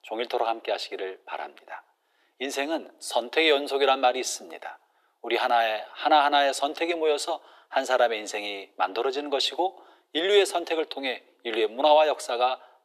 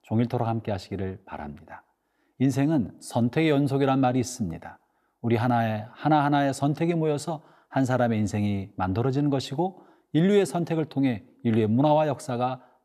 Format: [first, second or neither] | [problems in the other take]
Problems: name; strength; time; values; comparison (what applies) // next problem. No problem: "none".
second | thin; very; fading below 400 Hz